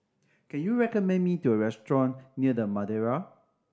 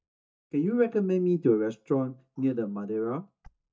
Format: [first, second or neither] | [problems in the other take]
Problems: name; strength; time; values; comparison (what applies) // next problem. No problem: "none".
first | noise reduction (neural mask model DeepFilterNet 3)